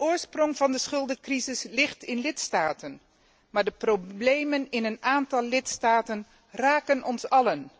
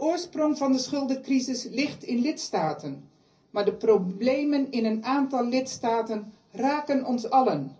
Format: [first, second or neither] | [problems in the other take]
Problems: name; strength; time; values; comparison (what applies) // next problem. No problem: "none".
first | room echo; dies away in 0.5 s